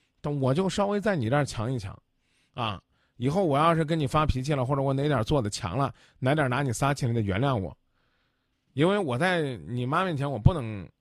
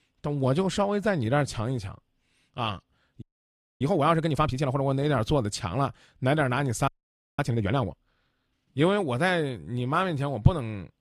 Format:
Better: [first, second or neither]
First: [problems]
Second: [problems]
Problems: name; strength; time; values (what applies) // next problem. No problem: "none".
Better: first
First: none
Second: audio freezing; at 3 s for 0.5 s and at 7 s for 0.5 s